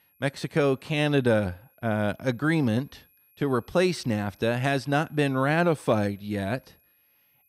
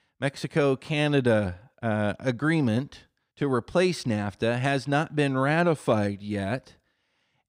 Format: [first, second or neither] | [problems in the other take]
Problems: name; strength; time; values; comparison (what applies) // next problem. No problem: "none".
second | high-pitched whine; faint; throughout; 11.5 kHz, 35 dB below the speech